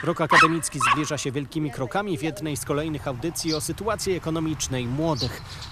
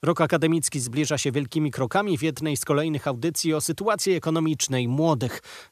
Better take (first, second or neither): second